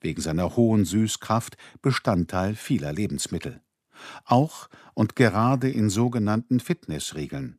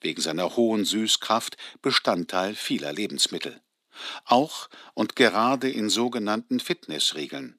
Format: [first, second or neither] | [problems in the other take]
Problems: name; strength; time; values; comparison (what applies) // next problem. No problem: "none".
first | thin; very slightly; fading below 250 Hz